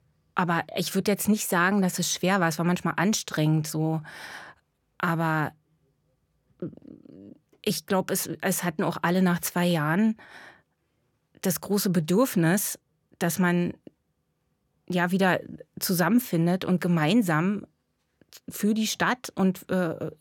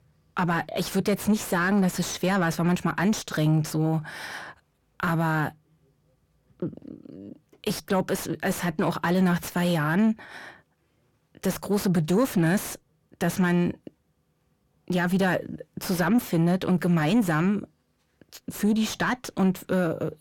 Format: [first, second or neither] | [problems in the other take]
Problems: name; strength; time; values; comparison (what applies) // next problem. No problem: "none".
first | distortion; slight; 10 dB below the speech